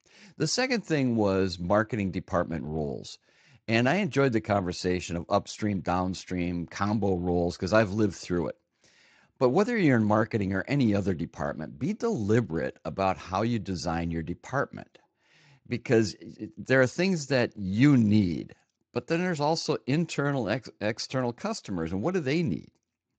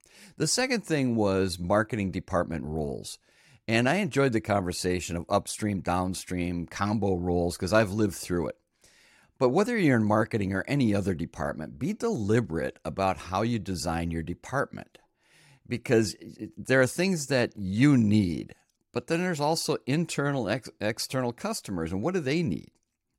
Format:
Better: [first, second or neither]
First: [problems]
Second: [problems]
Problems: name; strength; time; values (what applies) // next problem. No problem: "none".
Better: second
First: garbled, watery; slightly; nothing above 7.5 kHz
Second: none